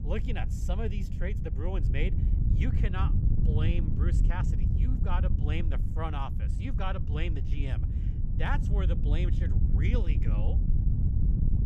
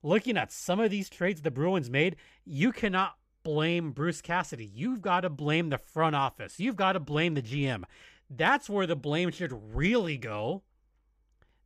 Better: second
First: wind noise on the microphone; heavy; 4 dB below the speech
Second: none

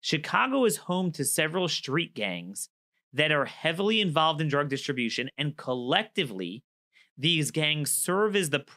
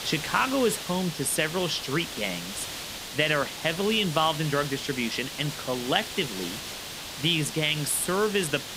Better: first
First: none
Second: hiss; loud; throughout; 8 dB below the speech

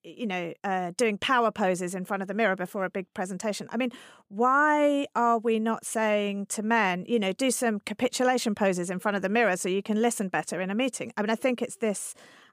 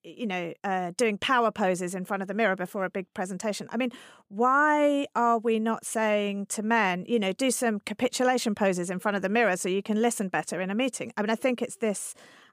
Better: neither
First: none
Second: none

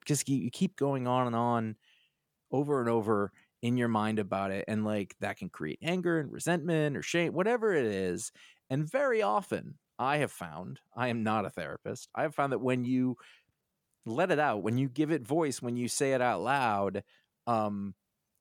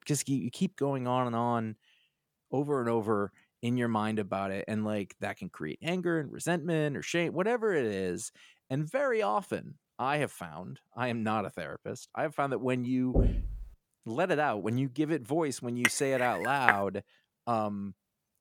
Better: first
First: none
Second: door banging; loud; at 13 s; peak 2 dB above the speech // clattering dishes; loud; at 16 s; peak 4 dB above the speech

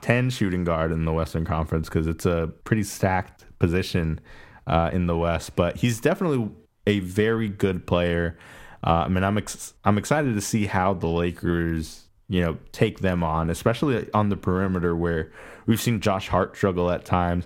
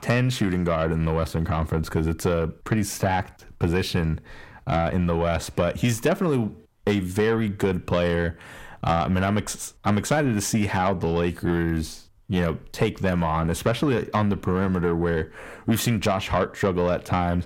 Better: first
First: none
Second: distortion; slight; 10 dB below the speech

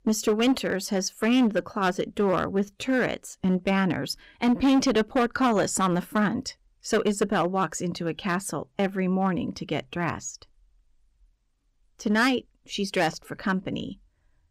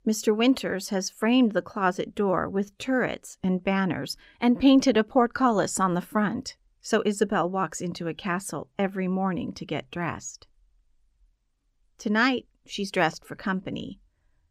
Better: second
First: distortion; slight; 5% of the sound clipped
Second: none

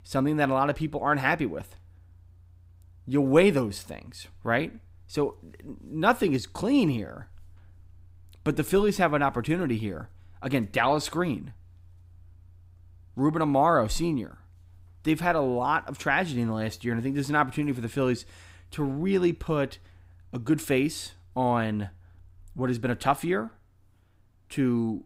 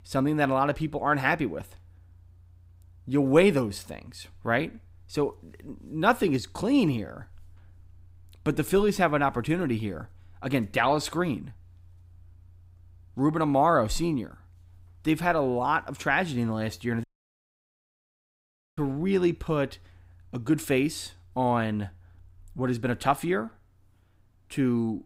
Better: first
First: none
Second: audio cutting out; at 17 s for 1.5 s

